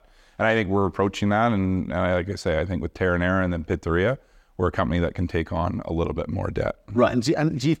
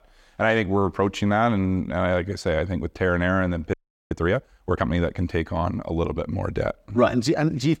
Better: first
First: none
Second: audio freezing; at 3.5 s

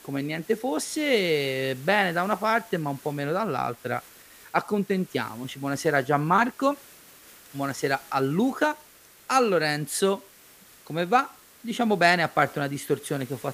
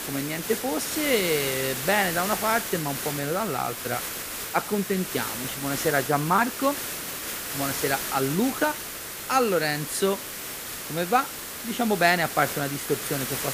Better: first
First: hiss; faint; throughout; 20 dB below the speech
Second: hiss; loud; throughout; 4 dB below the speech

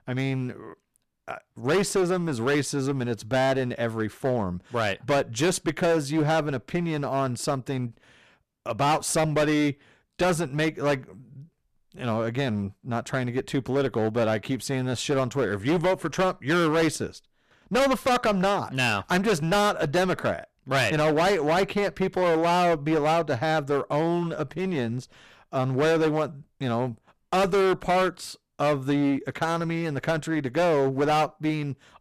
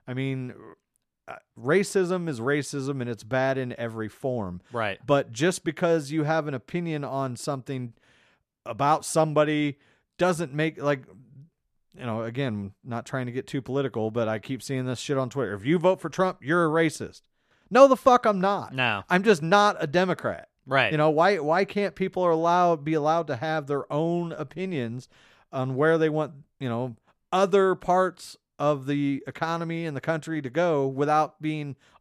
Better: second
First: distortion; heavy; 16% of the sound clipped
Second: none

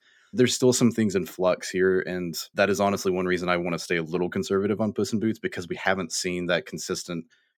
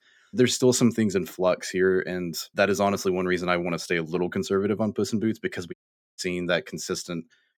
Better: first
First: none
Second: audio cutting out; at 5.5 s

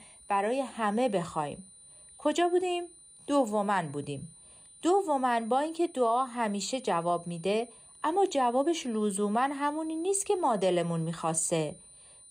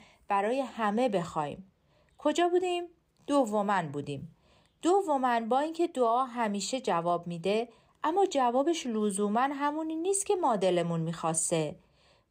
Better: second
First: high-pitched whine; faint; throughout; 9.5 kHz, 20 dB below the speech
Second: none

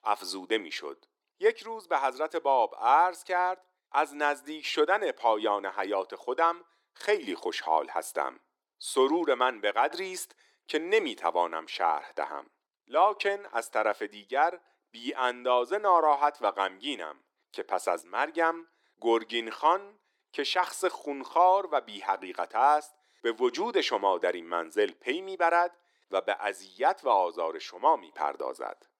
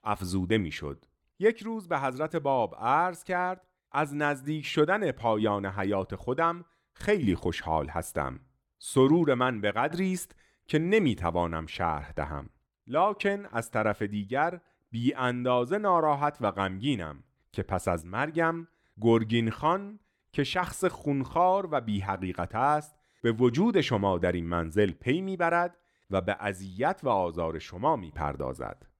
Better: second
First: thin; very; fading below 350 Hz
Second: none

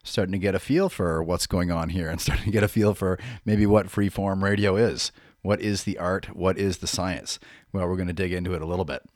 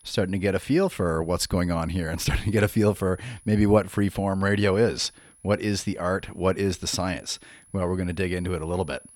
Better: first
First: none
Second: high-pitched whine; faint; throughout; 10.5 kHz, 25 dB below the speech

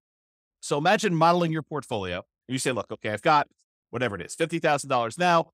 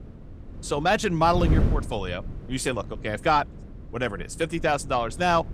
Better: first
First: none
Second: wind noise on the microphone; occasional gusts; 15 dB below the speech

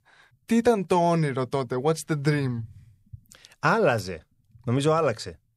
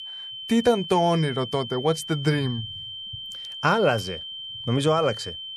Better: first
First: none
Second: high-pitched whine; loud; throughout; 3 kHz, 10 dB below the speech

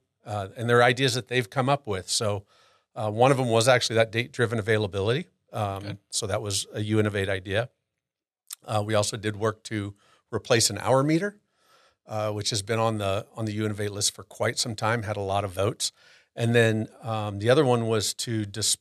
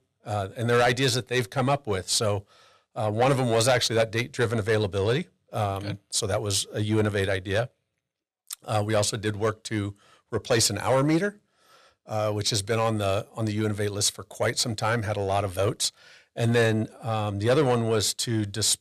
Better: first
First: none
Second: distortion; slight; 10 dB below the speech

